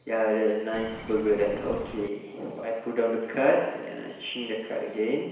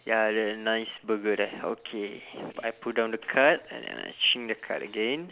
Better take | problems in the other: second | background sound (Bird); 13 dB below the speech // room echo; dies away in 1 s

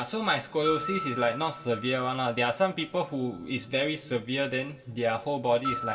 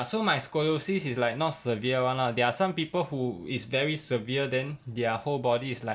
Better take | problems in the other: second | background sound (Piano); 11 dB below the speech // room echo; dies away in 1.5 s

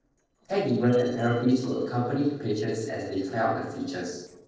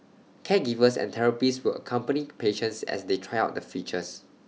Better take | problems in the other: second | noise reduction (neural separator model SepFormer DNS4)

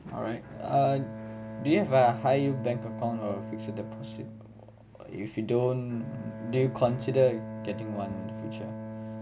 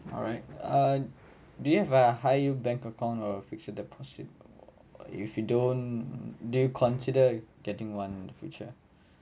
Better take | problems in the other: second | background sound (Bowed string instrument); 10 dB below the speech

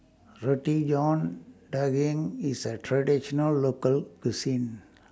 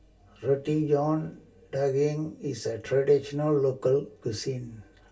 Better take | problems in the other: first | room echo; dies away in 0.1 s

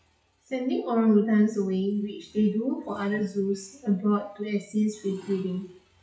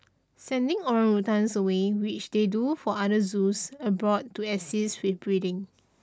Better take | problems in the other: second | noise reduction (classical method WPE with log-MMSE)

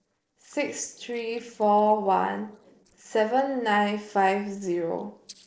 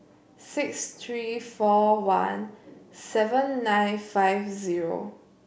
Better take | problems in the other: second | noise reduction (neural separator model SepFormer DNS4)

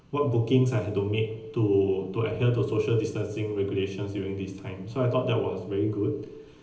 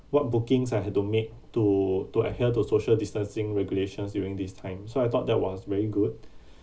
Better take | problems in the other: second | room echo; dies away in 0.8 s

